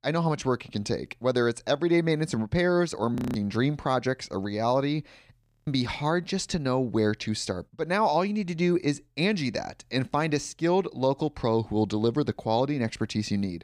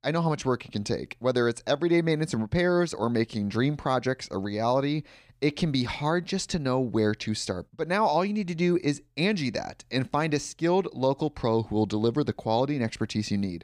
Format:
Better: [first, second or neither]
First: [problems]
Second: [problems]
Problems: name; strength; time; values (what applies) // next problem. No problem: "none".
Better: second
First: audio freezing; at 3 s and at 5.5 s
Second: none